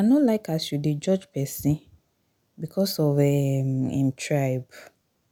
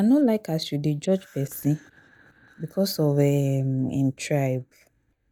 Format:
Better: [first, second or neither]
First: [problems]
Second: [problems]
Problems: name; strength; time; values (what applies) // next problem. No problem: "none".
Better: first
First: none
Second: noise reduction (neural mask model DeepFilterNet 3)